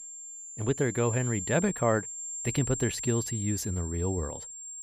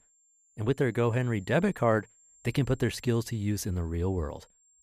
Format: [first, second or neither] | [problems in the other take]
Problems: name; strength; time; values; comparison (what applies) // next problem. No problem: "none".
second | high-pitched whine; loud; throughout; 7.5 kHz, 6 dB below the speech; faint in the second